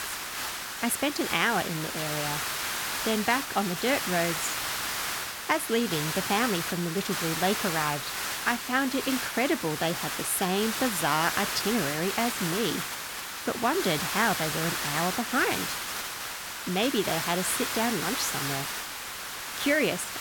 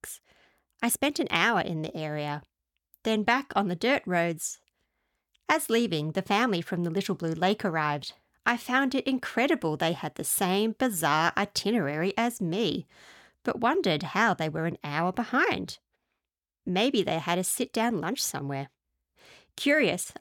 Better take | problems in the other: second | hiss; loud; throughout; 2 dB below the speech

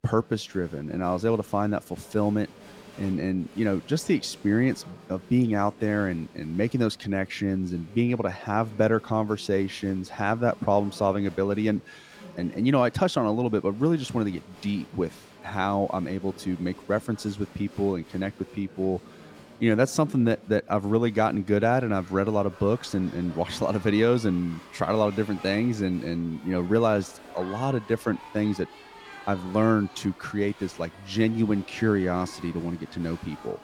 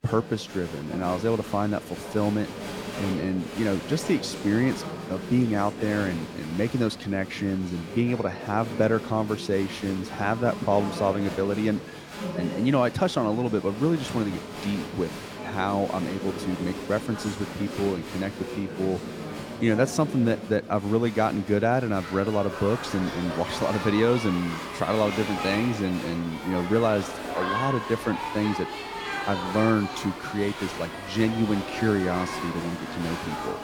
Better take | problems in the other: first | crowd noise; loud; throughout; 8 dB below the speech; faint in the first

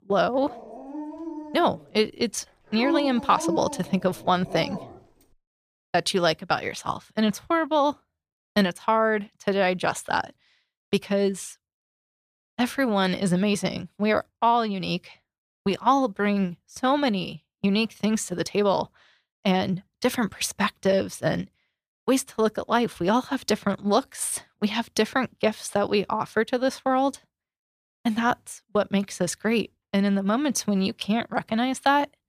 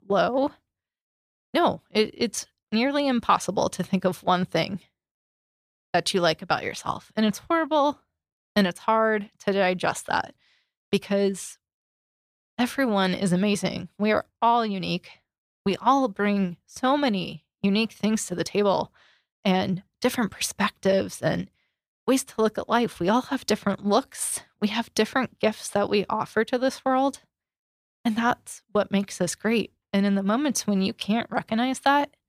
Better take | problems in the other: second | dog barking; noticeable; until 5 s; peak 3 dB below the speech

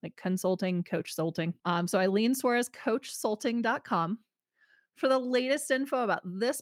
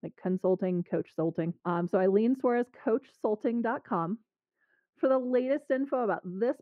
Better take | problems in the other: first | muffled; very; fading above 3 kHz

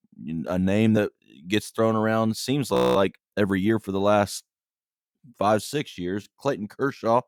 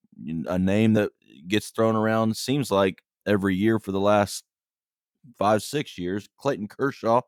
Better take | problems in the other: second | audio freezing; at 3 s

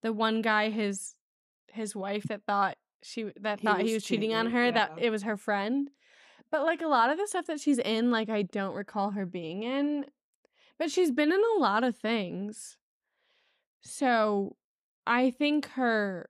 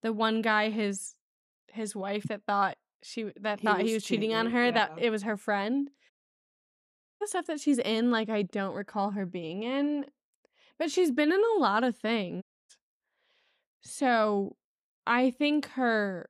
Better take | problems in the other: first | audio cutting out; at 6 s for 1 s and at 12 s

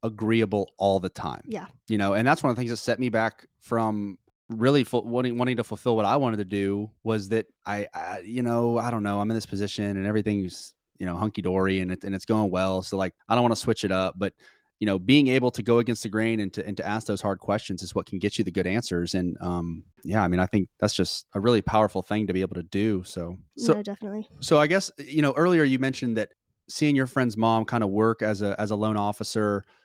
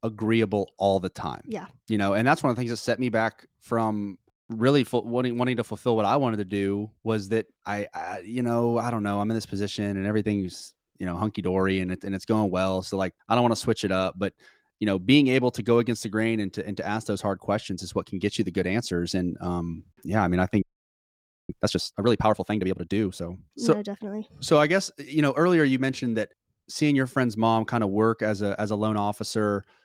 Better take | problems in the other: first | audio freezing; at 21 s for 1 s

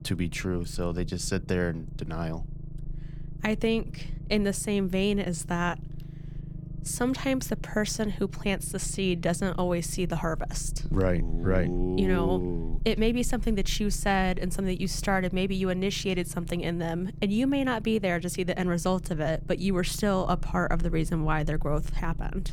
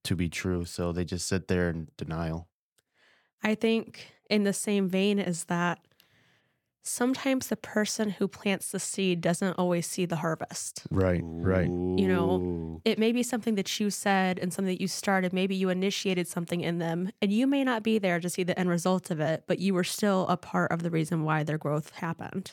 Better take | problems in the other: second | low rumble; faint; throughout; 20 dB below the speech

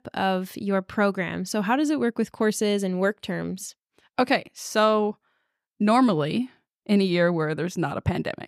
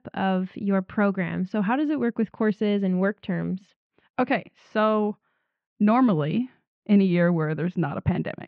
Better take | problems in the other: first | muffled; very; fading above 3 kHz

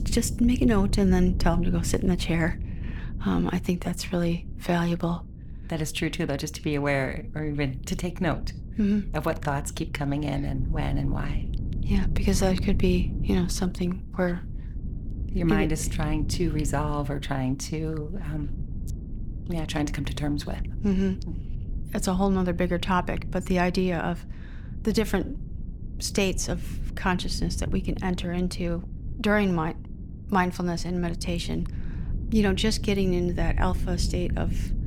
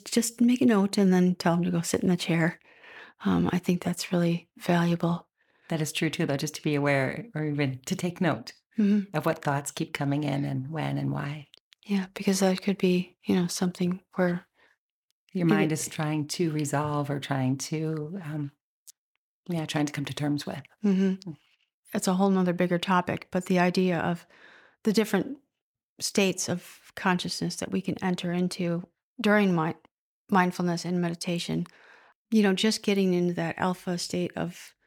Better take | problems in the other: second | low rumble; noticeable; throughout; 15 dB below the speech

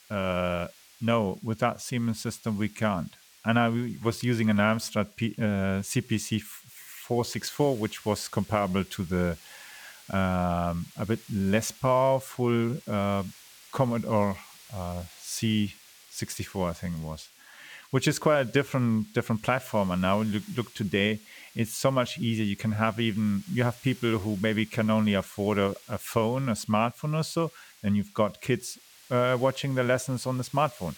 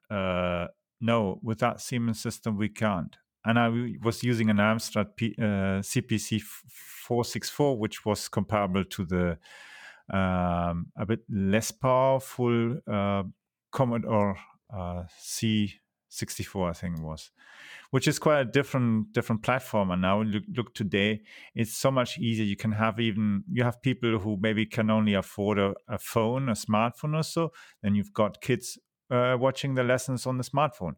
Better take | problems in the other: second | hiss; faint; throughout; 20 dB below the speech

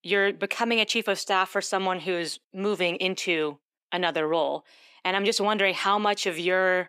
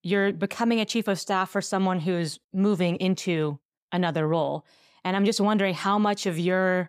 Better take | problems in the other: second | thin; somewhat; fading below 300 Hz

